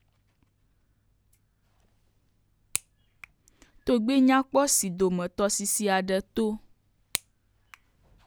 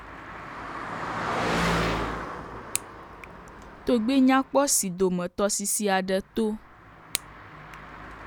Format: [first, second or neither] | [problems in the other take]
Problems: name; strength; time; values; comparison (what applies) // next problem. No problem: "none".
first | background sound (Car passing by); 6 dB below the speech